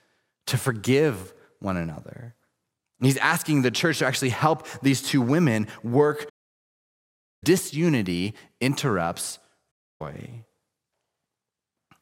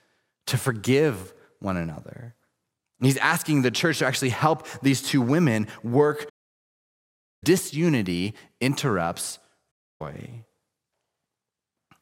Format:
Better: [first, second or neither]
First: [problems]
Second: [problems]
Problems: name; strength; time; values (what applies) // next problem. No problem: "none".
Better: neither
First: audio cutting out; at 6.5 s for 1 s and at 9.5 s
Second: audio cutting out; at 6.5 s for 1 s and at 9.5 s